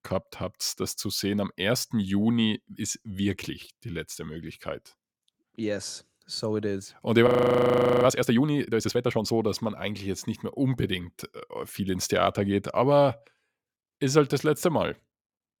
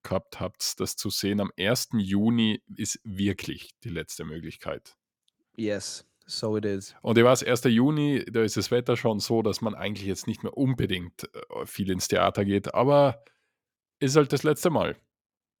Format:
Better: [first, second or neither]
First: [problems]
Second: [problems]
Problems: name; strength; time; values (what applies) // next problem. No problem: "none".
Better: second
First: audio freezing; at 7.5 s for 1 s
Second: none